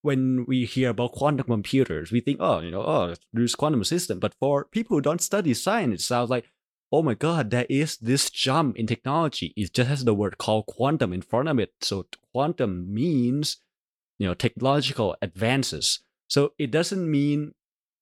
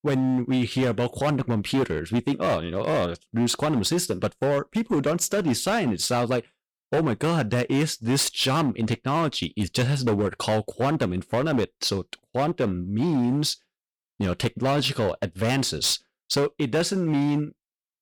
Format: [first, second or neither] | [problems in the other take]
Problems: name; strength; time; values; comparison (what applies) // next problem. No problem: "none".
first | distortion; slight; 13% of the sound clipped